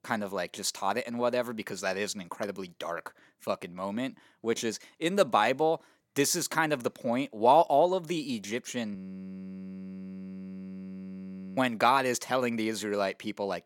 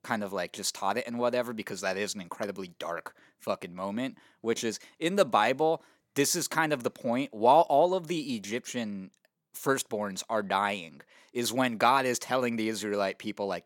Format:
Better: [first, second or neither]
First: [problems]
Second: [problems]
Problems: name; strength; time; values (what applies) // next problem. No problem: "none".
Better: second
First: audio freezing; at 9 s for 2.5 s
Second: none